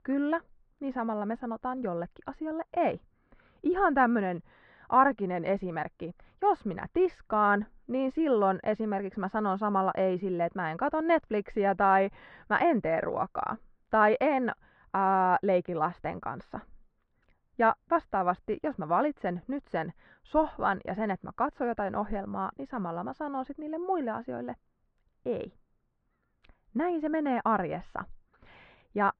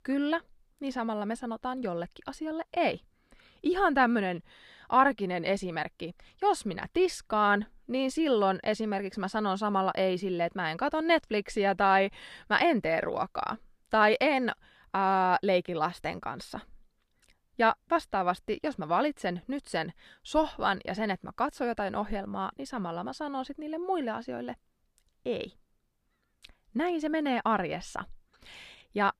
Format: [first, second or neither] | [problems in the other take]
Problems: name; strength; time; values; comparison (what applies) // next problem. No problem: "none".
second | muffled; very; fading above 1.5 kHz